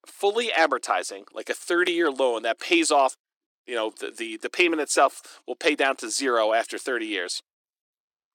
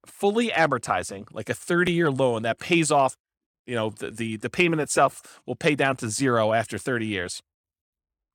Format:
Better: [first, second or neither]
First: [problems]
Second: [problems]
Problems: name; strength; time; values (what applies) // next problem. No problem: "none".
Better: second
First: thin; somewhat; fading below 300 Hz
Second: none